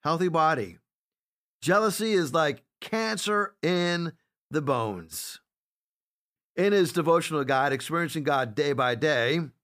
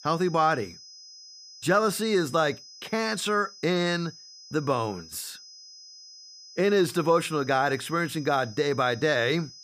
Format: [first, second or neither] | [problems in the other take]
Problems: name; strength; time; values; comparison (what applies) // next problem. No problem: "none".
first | high-pitched whine; noticeable; throughout; 5 kHz, 20 dB below the speech